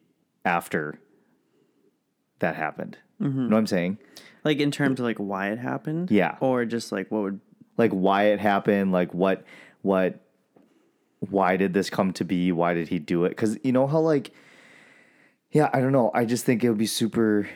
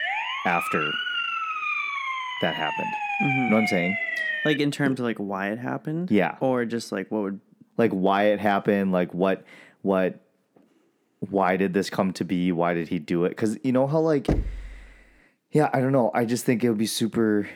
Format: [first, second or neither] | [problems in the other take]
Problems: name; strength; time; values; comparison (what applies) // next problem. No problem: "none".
first | siren; loud; until 4.5 s; peak level with the speech // door banging; noticeable; at 14 s; peak 3 dB below the speech